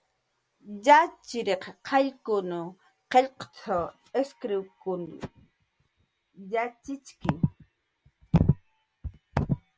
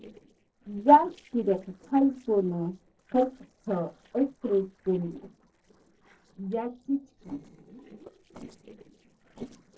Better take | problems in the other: first | noise reduction (neural separator model SepFormer DNS4)

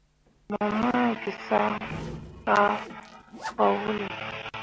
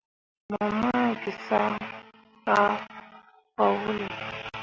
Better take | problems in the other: second | background sound (Slam + Zipper (clothing)); 15 dB below the speech

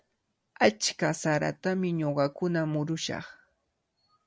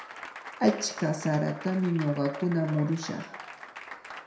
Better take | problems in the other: first | background sound (Applause); 14 dB below the speech // room echo; dies away in 0.6 s

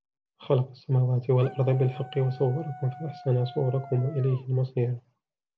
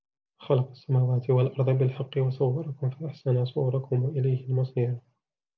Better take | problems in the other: second | background sound (Dog); 18 dB below the speech

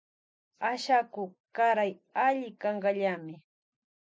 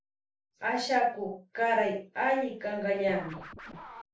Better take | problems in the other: first | background sound (Scratching (performance technique)); 19 dB below the speech // room echo; dies away in 0.3 s

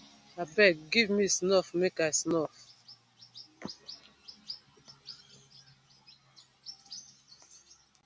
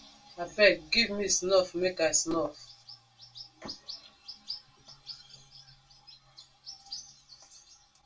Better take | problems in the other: first | room echo; dies away in 0.2 s

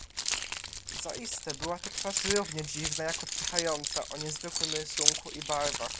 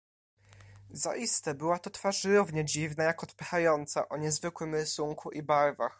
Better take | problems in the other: second | background sound (Keys jangling); 3 dB above the speech

